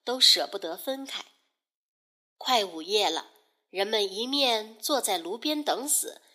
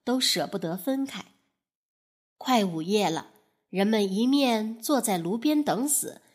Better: second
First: thin; somewhat; fading below 350 Hz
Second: none

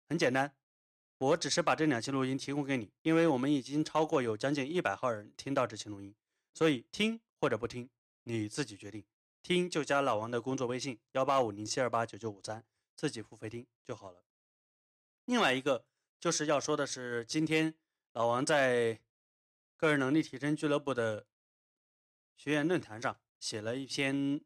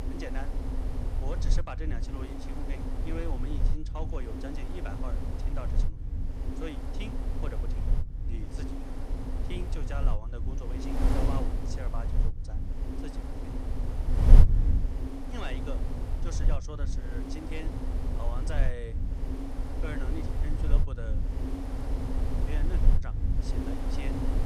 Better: first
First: none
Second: wind noise on the microphone; heavy; as loud as the speech

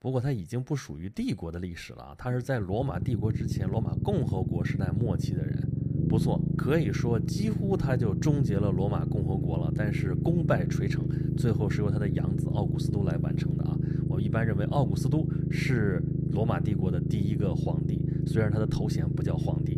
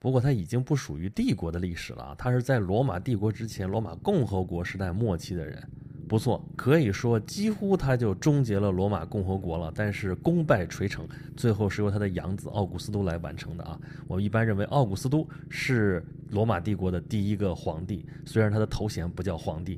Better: second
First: low rumble; loud; throughout; 3 dB below the speech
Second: low rumble; faint; throughout; 20 dB below the speech

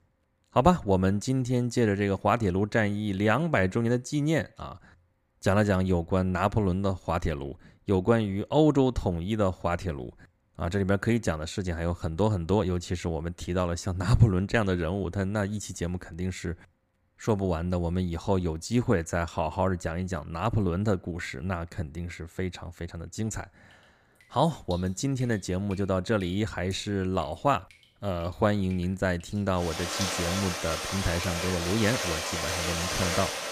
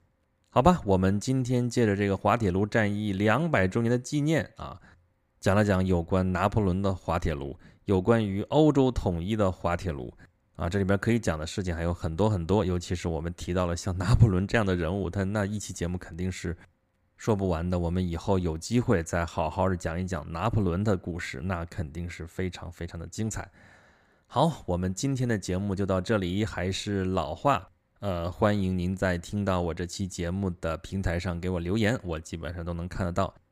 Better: second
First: rain or running water; loud; from 24 s on; 3 dB below the speech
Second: none

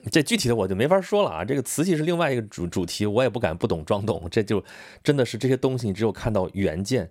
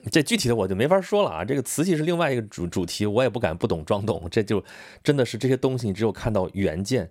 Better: neither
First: none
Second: none

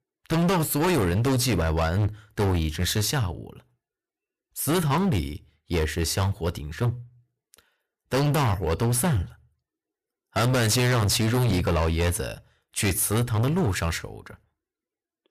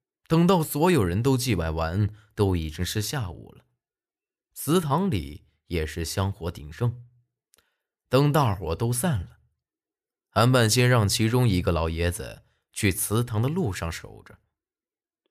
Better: second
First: distortion; heavy; 19% of the sound clipped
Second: none

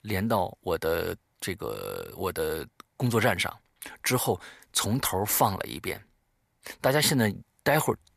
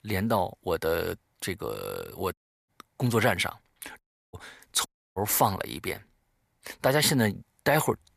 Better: first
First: none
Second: audio cutting out; at 2.5 s, at 4 s and at 5 s

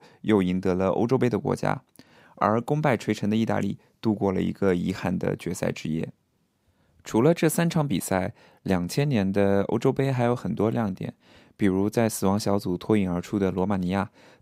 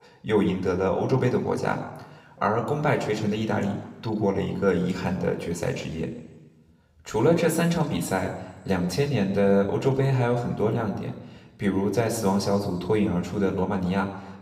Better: first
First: none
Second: room echo; slight; dies away in 1 s

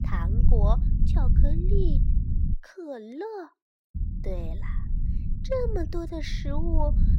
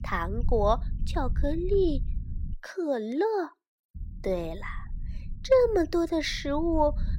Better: second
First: low rumble; loud; until 2.5 s and from 4 s on; 8 dB below the speech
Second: low rumble; faint; until 2.5 s and from 4 s on; 25 dB below the speech

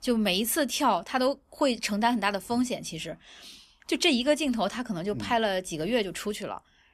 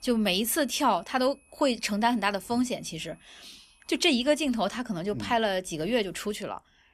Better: first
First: none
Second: high-pitched whine; faint; until 4 s; 2.5 kHz, 35 dB below the speech

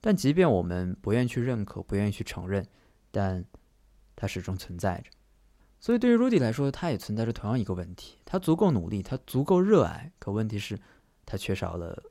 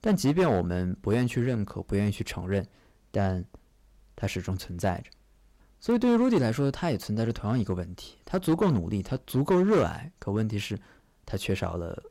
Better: first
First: none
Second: distortion; slight; 4% of the sound clipped

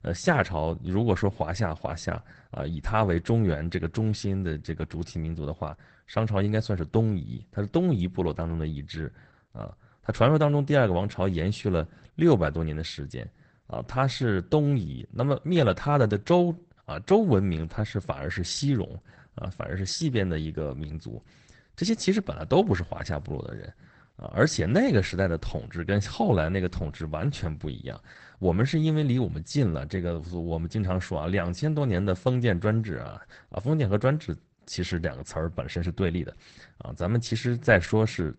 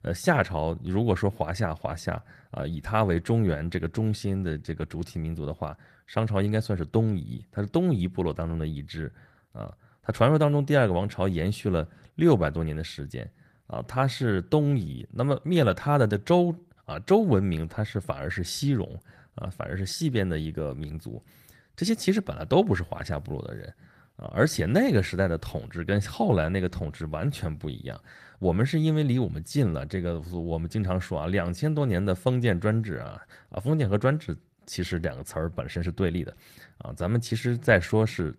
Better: second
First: garbled, watery; badly; nothing above 8 kHz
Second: garbled, watery; slightly; nothing above 15 kHz

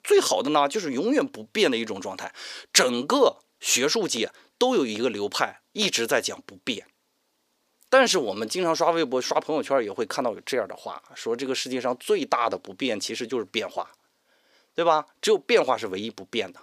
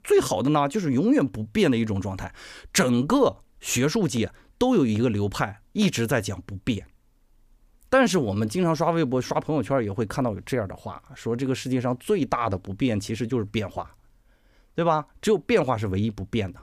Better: second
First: thin; somewhat; fading below 450 Hz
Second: none

